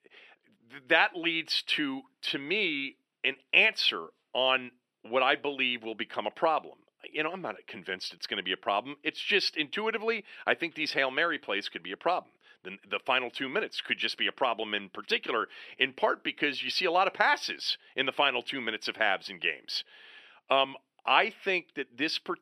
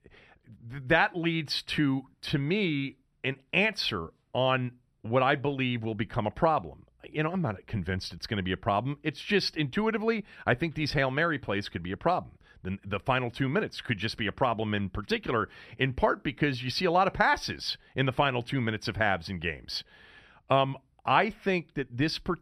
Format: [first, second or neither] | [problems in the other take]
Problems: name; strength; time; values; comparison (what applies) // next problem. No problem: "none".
second | thin; somewhat; fading below 300 Hz